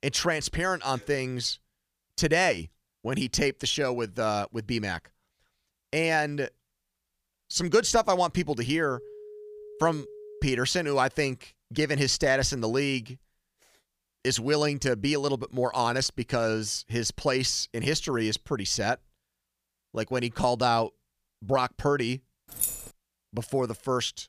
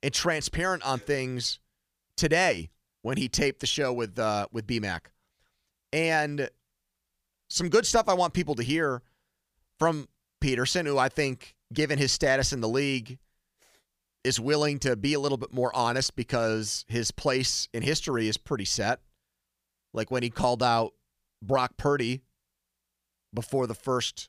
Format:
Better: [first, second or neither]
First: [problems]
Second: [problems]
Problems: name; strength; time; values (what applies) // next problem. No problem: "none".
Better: second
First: phone ringing; faint; from 9 to 10 s; peak 15 dB below the speech // jangling keys; noticeable; at 23 s; peak 1 dB below the speech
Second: none